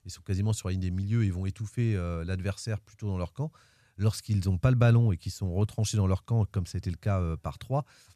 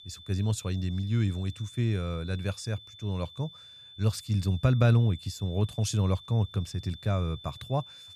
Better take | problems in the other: first | high-pitched whine; noticeable; throughout; 3.5 kHz, 15 dB below the speech

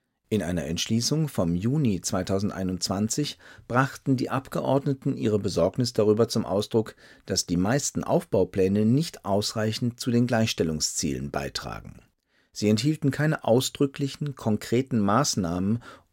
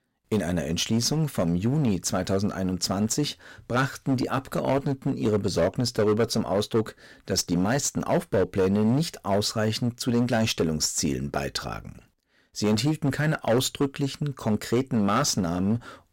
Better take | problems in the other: first | distortion; slight; 9% of the sound clipped

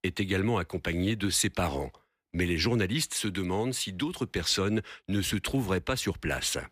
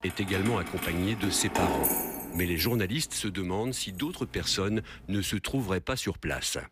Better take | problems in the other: first | jangling keys; loud; until 4.5 s; peak 4 dB above the speech

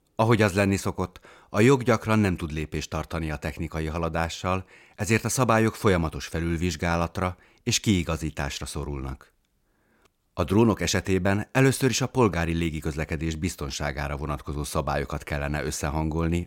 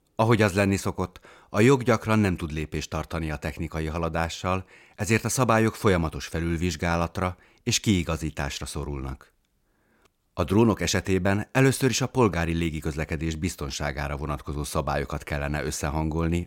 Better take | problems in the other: neither | none

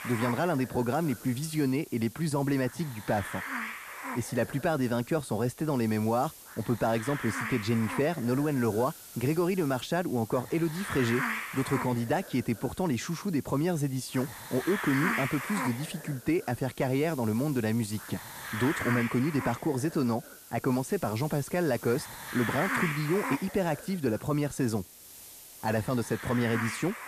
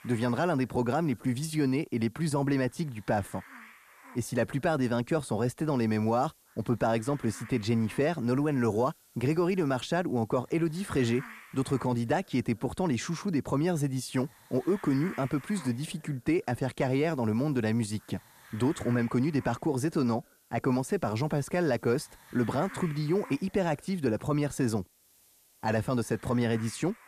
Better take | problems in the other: second | hiss; loud; throughout; 8 dB below the speech; faint in the second

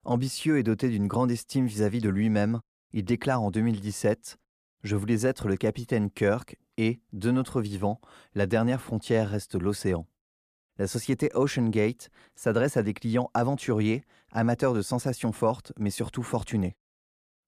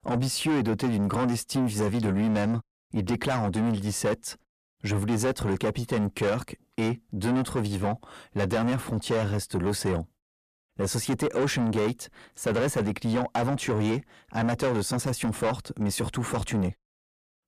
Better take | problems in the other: first | distortion; heavy; 7 dB below the speech

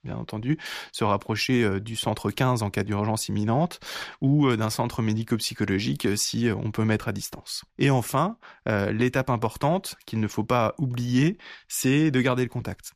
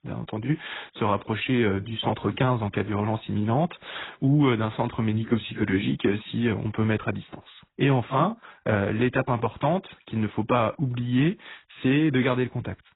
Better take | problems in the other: first | garbled, watery; badly; nothing above 4 kHz

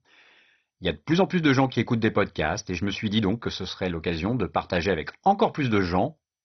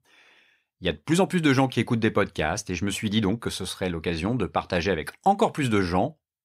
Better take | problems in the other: second | garbled, watery; badly; nothing above 6 kHz

